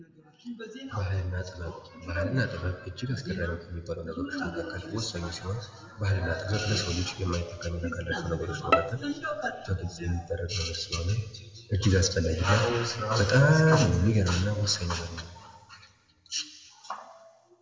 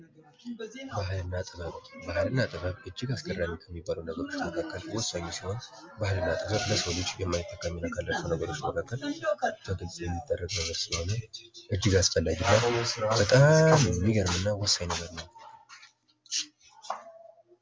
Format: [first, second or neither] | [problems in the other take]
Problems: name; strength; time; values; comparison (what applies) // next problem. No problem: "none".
second | background sound (Bowed string instrument); 3 dB below the speech // room echo; dies away in 1.6 s